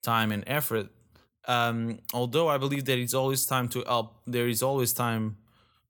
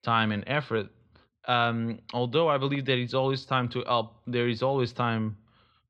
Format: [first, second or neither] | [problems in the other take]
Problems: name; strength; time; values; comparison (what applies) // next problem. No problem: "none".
first | muffled; slightly; fading above 4 kHz